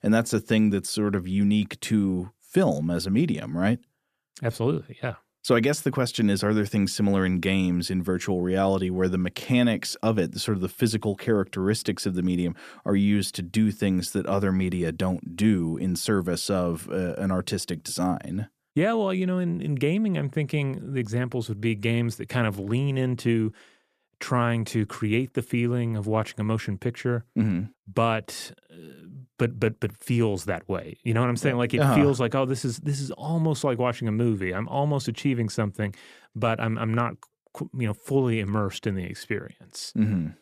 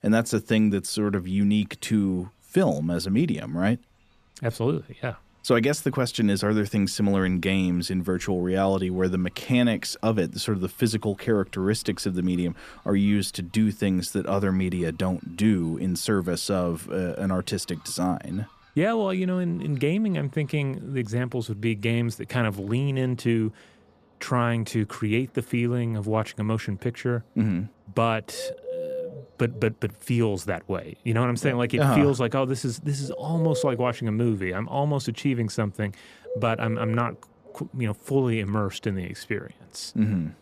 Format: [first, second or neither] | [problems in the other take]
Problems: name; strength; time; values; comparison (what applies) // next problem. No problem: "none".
first | animal sounds; noticeable; throughout; 10 dB below the speech